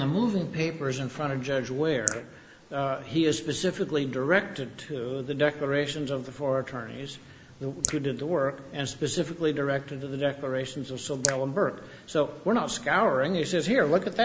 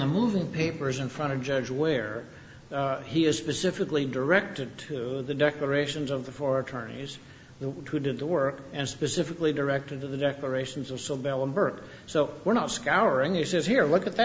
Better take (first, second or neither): second